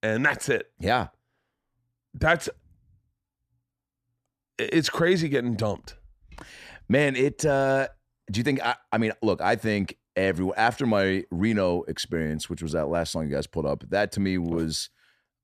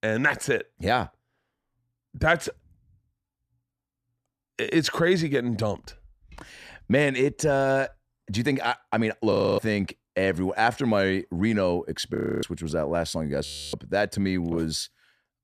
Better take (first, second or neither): first